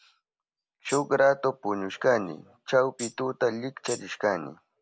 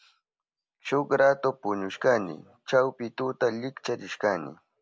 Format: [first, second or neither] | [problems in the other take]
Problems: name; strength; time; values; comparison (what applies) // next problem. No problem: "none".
second | background sound (Tambourine); 15 dB below the speech